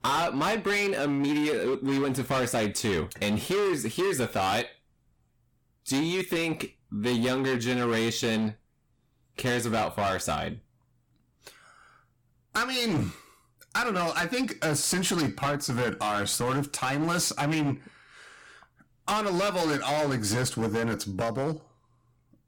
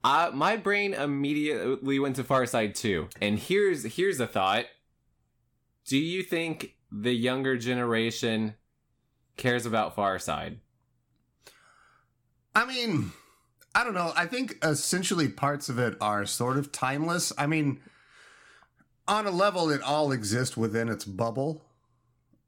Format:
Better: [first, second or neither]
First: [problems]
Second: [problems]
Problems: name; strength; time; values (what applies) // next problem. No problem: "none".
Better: second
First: distortion; heavy; 18% of the sound clipped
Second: none